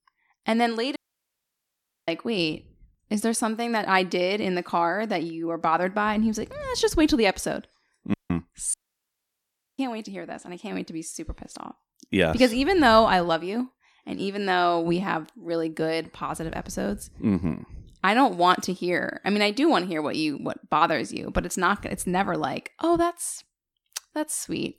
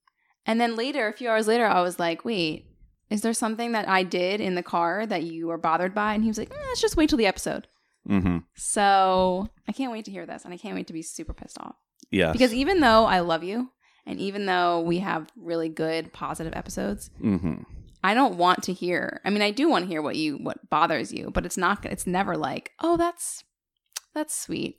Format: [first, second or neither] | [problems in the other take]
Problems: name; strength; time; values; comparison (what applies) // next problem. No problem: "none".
second | audio cutting out; at 1 s for 1 s, at 8 s and at 8.5 s for 1 s